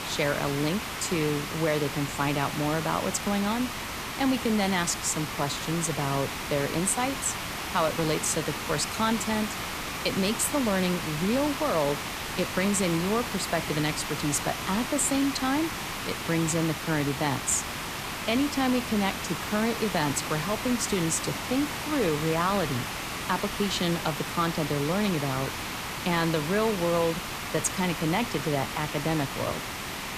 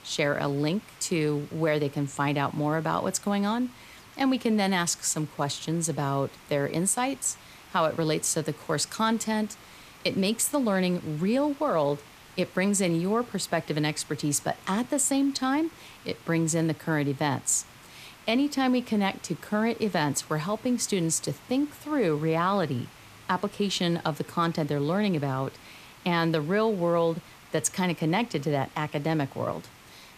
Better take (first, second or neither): second